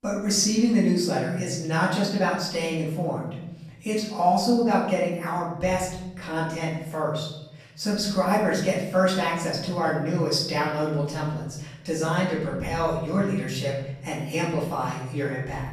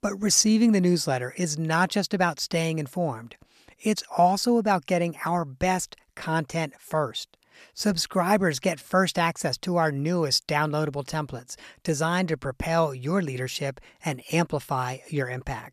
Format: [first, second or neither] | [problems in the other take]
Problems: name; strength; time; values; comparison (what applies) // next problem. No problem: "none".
second | off-mic speech; far // room echo; noticeable; dies away in 1 s